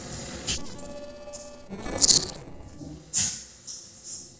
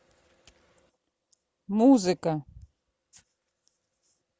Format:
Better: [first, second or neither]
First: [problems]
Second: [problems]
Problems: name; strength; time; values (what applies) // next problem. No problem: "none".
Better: second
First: noise reduction (neural separator model SepFormer DNS4)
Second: none